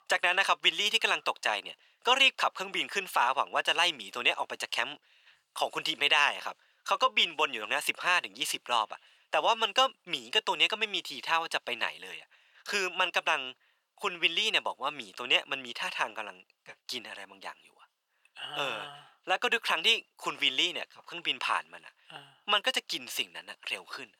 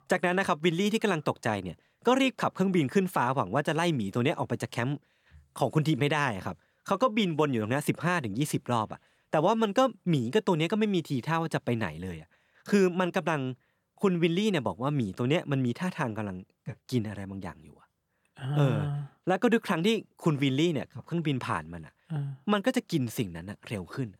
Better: second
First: thin; very; fading below 900 Hz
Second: none

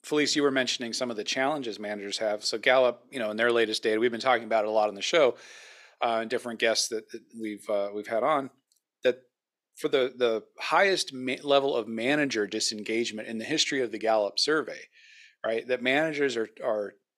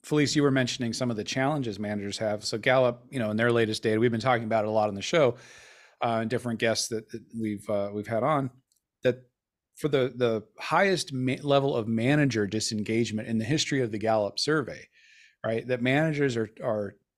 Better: second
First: thin; somewhat; fading below 350 Hz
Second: none

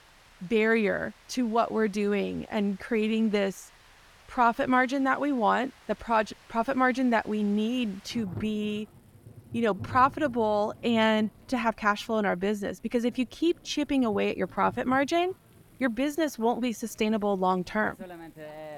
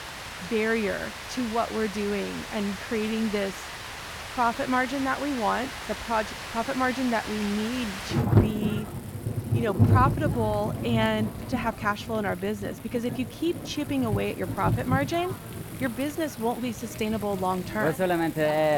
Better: first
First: rain or running water; faint; throughout; 20 dB below the speech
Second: rain or running water; loud; throughout; 2 dB below the speech

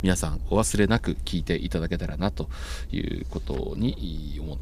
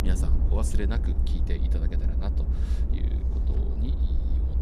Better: first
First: low rumble; faint; throughout; 25 dB below the speech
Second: low rumble; loud; throughout; 2 dB below the speech

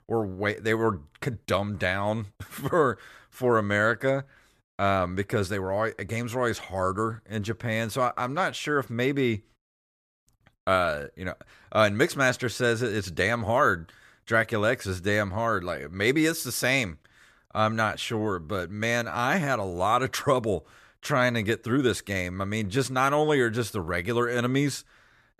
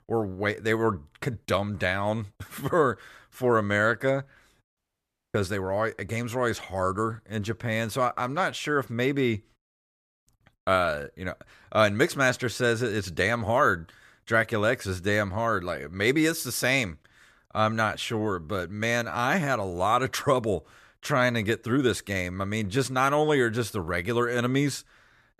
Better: first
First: none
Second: audio cutting out; at 5 s for 0.5 s

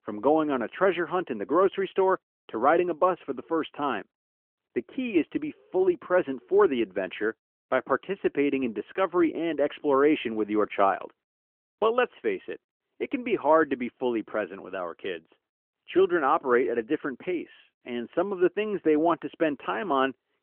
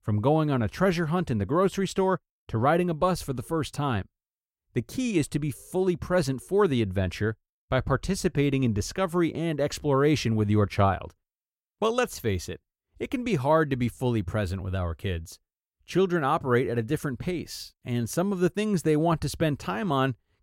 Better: second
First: phone-call audio; nothing above 3 kHz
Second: none

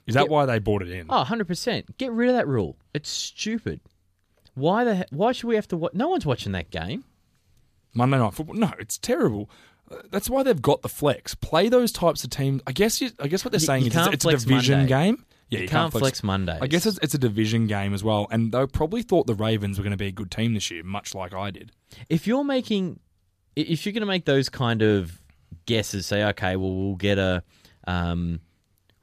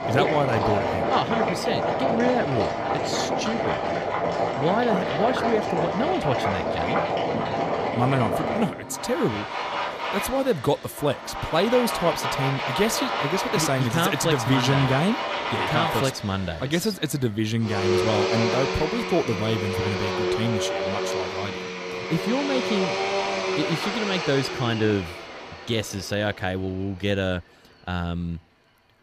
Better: first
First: none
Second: household noises; loud; throughout; as loud as the speech

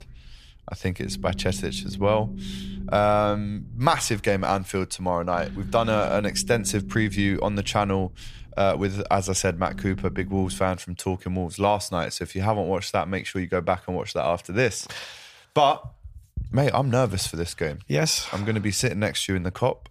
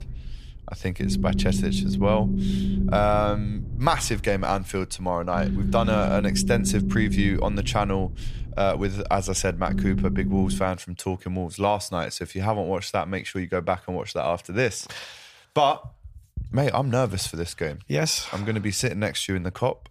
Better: first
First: low rumble; faint; until 11 s; 20 dB below the speech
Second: low rumble; loud; until 11 s; 9 dB below the speech

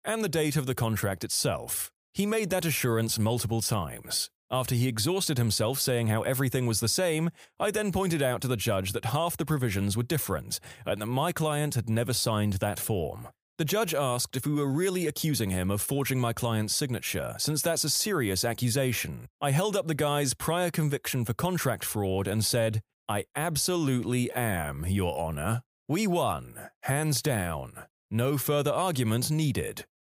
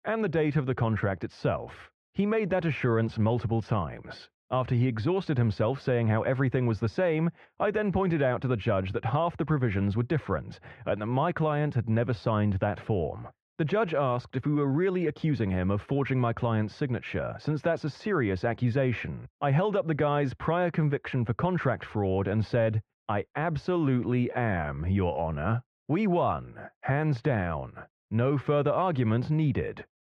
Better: first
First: none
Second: muffled; very; fading above 2 kHz

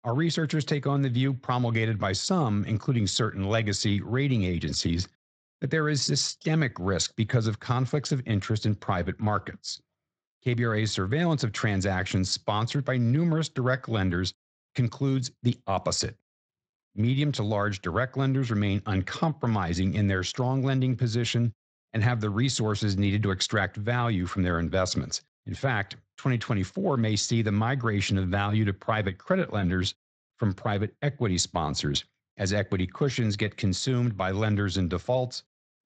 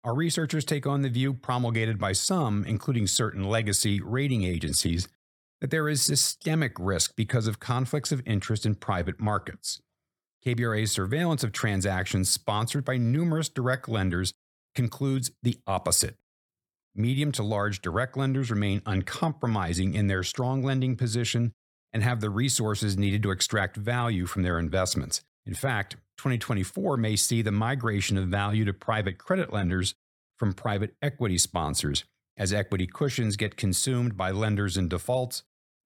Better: second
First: garbled, watery; slightly; nothing above 7.5 kHz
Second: none

